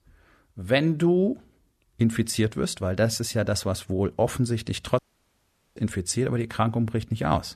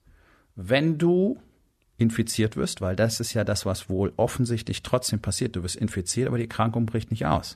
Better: second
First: audio cutting out; at 5 s for 1 s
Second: none

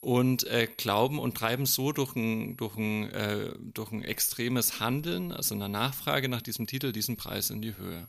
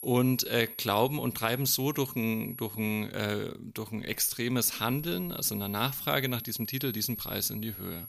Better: first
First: high-pitched whine; faint; until 3 s and from 5 s on; 11.5 kHz, 20 dB below the speech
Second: high-pitched whine; loud; until 3 s and from 5 s on; 11.5 kHz, 10 dB below the speech

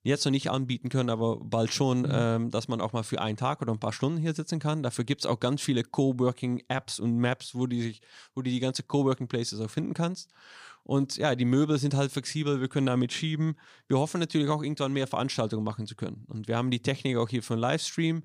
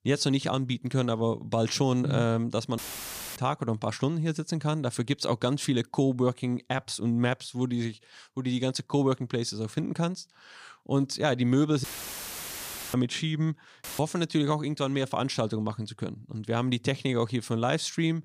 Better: first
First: none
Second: audio cutting out; filled with static; at 3 s for 0.5 s, at 12 s for 1 s and at 14 s

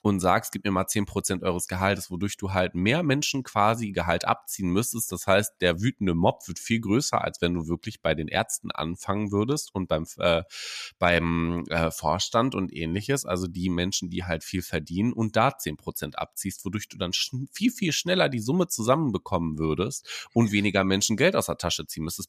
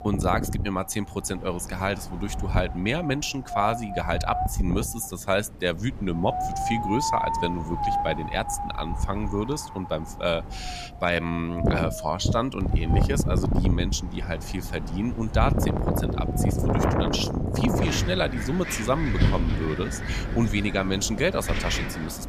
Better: first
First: none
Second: wind in the background; very loud; throughout; as loud as the speech

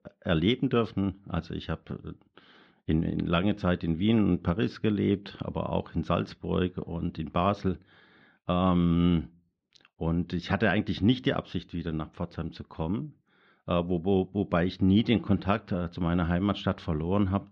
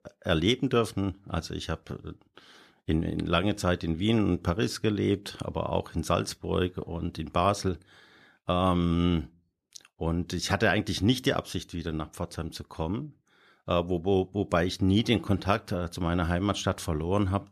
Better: second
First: muffled; slightly; fading above 3.5 kHz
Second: none

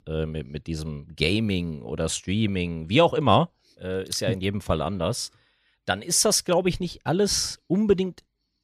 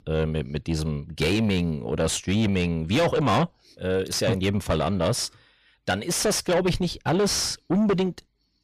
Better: first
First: none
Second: distortion; heavy; 6 dB below the speech

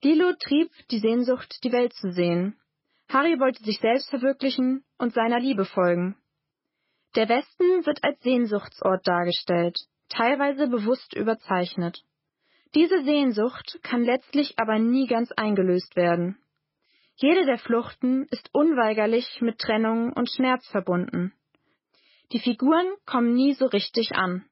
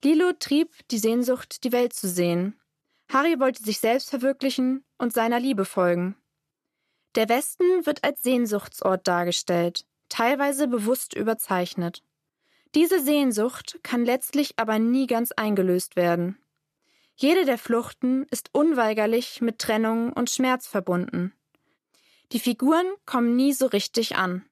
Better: second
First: garbled, watery; badly; nothing above 5.5 kHz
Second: none

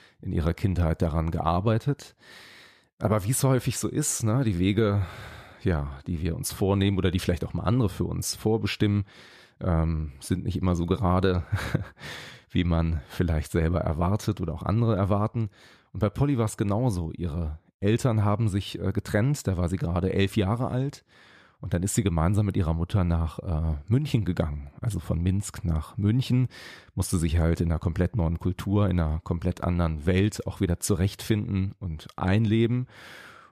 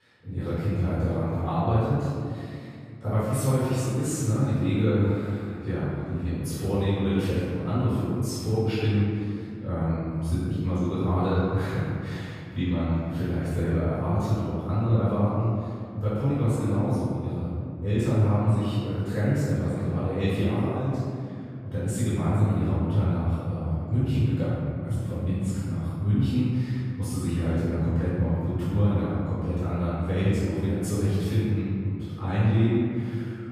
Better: first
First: none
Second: off-mic speech; far // room echo; strong; dies away in 2.3 s

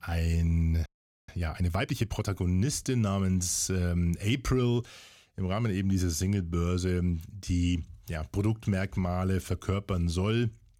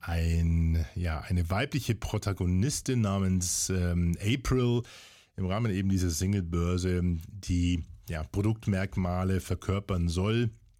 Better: second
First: audio freezing; at 1 s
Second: none

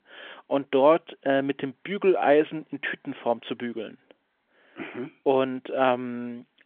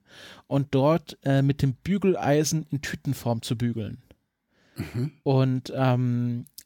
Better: second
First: phone-call audio; nothing above 3.5 kHz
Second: none

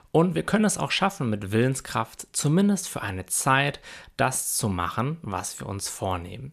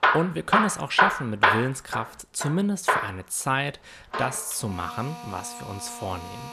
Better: first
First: none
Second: machinery noise; very loud; throughout; 4 dB above the speech

